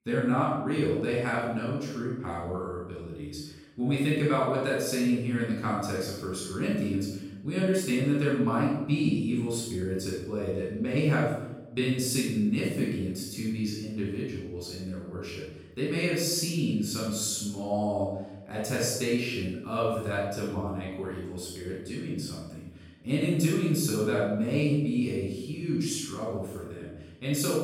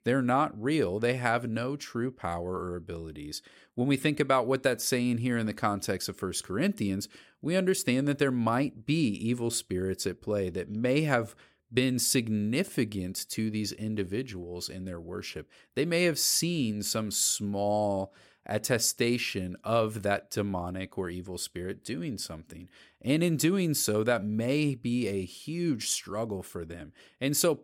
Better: second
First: off-mic speech; far // room echo; strong; dies away in 0.9 s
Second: none

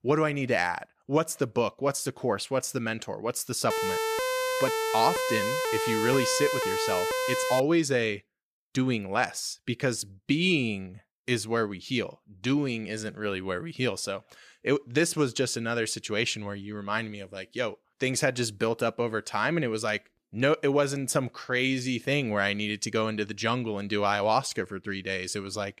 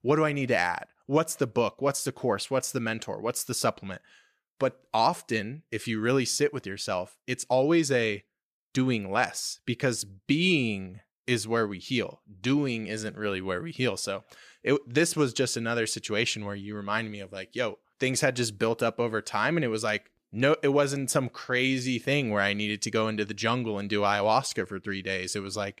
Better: second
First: siren; loud; from 3.5 to 7.5 s; peak 1 dB above the speech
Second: none

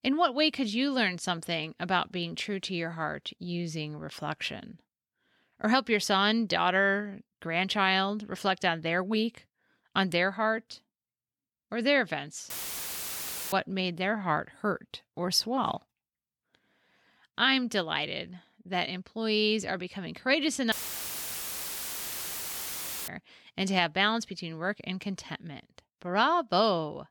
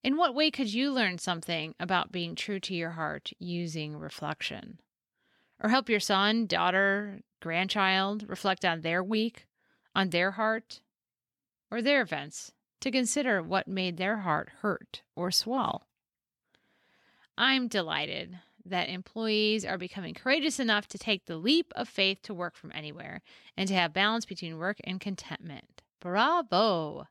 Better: second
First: audio cutting out; filled with static; at 13 s for 1 s and at 21 s for 2.5 s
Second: none

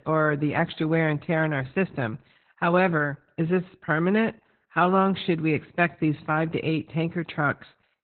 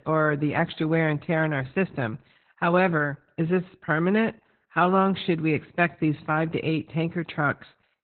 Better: neither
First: garbled, watery; badly; nothing above 4 kHz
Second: garbled, watery; badly; nothing above 4 kHz

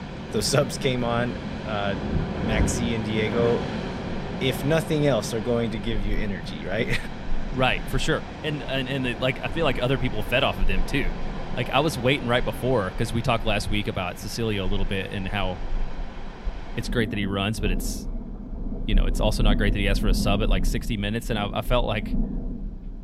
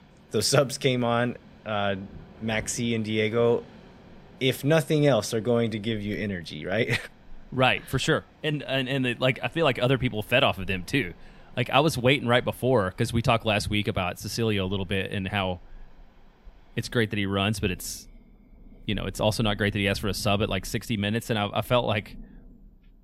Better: second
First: rain or running water; loud; throughout; 6 dB below the speech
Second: rain or running water; faint; throughout; 25 dB below the speech

